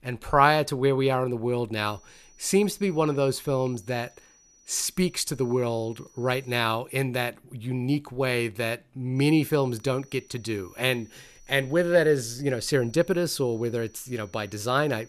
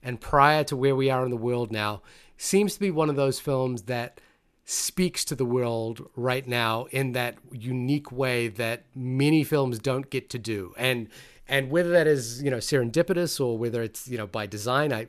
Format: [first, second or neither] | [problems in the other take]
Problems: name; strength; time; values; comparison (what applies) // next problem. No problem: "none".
second | high-pitched whine; faint; from 2 to 6.5 s and from 9 s on; 6 kHz, 30 dB below the speech